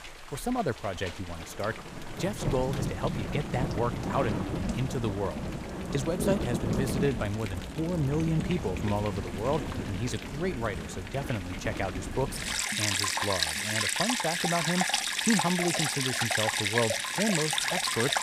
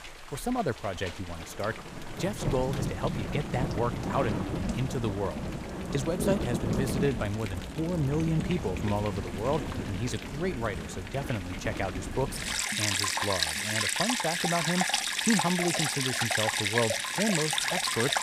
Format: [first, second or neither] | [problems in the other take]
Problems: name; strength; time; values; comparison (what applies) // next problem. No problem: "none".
neither | rain or running water; very loud; throughout; 2 dB above the speech; the same in both